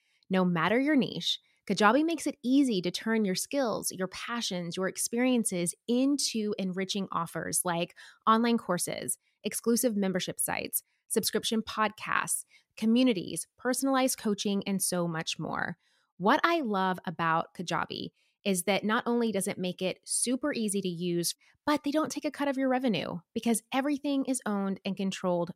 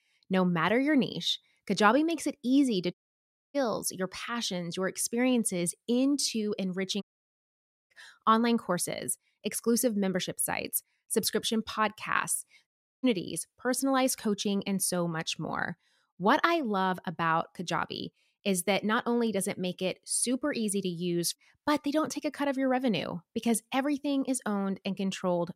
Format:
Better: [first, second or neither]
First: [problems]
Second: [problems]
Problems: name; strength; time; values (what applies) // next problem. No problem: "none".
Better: first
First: none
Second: audio cutting out; at 3 s for 0.5 s, at 7 s for 1 s and at 13 s